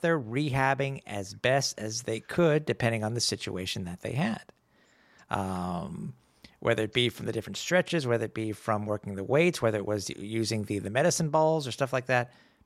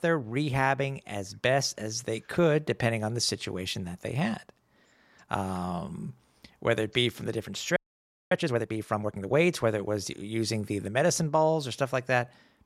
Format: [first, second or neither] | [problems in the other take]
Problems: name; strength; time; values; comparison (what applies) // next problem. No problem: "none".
first | audio freezing; at 8 s for 0.5 s